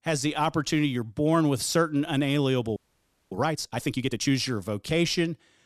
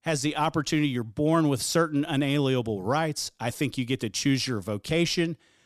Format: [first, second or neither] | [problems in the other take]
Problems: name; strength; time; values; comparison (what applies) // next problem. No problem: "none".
second | audio freezing; at 3 s for 0.5 s